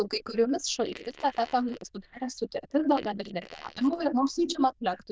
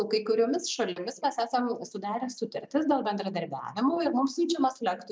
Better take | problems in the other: second | noise reduction (neural diffusion model UNIVERSE++)

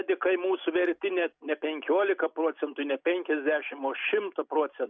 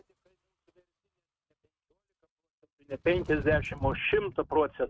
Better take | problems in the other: first | noise reduction (neural mask model RNNoise)

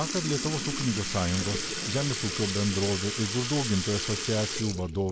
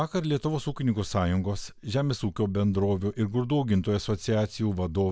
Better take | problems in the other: second | background sound (Sink (filling or washing) / Liquid); 4 dB below the speech

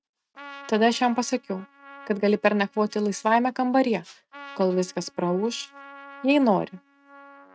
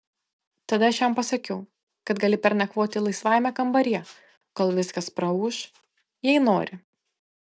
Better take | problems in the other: second | noise reduction (neural mask model RNNoise)

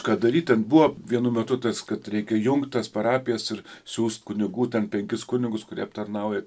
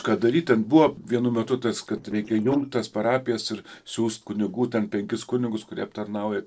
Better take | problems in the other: first | noise reduction (neural separator model SepFormer DNS4)

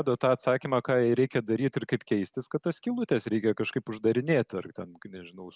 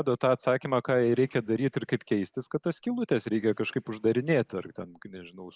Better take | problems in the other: first | noise reduction (neural mask model Resemble Enhance denoiser)

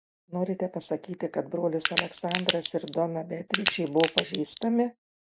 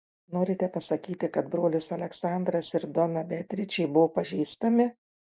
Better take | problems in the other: second | background sound (Crack); 2 dB below the speech

